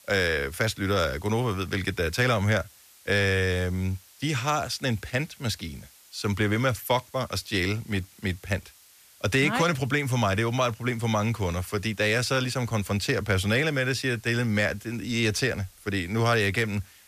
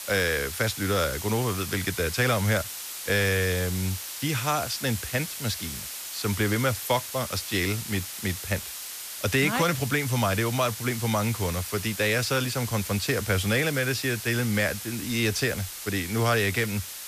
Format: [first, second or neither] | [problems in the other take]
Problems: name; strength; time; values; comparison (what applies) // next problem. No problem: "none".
first | hiss; loud; throughout; 7 dB below the speech; faint in the first